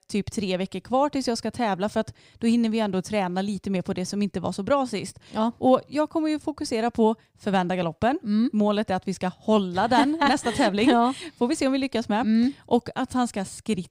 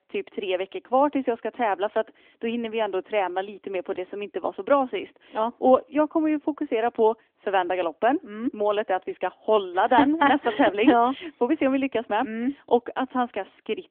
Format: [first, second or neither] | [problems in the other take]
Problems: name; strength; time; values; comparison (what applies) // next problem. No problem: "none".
first | phone-call audio; nothing above 3 kHz